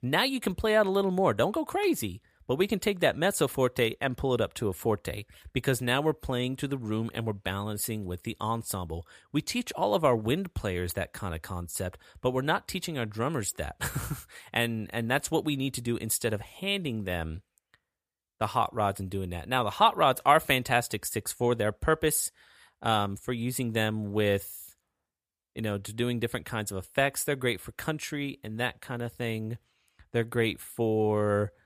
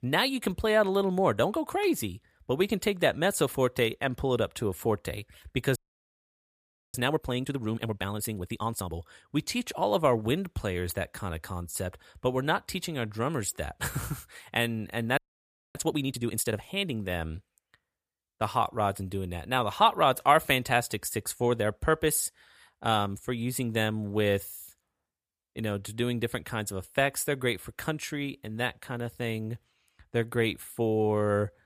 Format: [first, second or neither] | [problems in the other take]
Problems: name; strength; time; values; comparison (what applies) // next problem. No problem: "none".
first | audio freezing; at 6 s for 1 s and at 15 s for 0.5 s